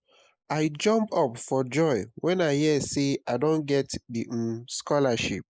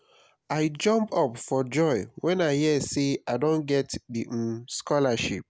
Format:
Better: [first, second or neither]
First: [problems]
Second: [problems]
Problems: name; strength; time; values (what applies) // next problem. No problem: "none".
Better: second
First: noise reduction (neural mask model Resemble Enhance denoiser)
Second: none